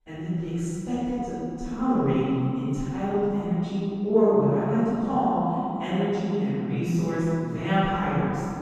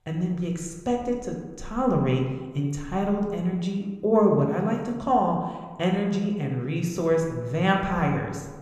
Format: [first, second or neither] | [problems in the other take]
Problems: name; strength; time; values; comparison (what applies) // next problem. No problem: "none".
second | room echo; strong; dies away in 2.7 s; slight in the second // off-mic speech; far; somewhat distant in the second